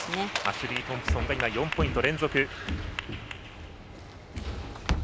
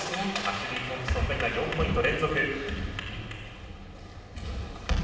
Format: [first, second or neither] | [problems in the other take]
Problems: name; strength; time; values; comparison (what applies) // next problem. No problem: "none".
first | room echo; dies away in 1.2 s